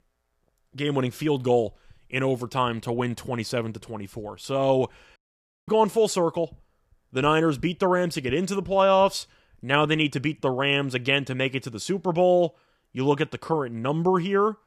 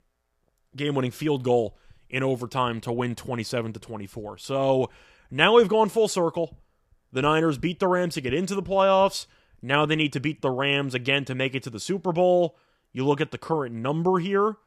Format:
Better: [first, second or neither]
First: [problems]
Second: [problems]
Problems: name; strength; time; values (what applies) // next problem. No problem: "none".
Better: second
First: audio cutting out; at 5 s for 0.5 s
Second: none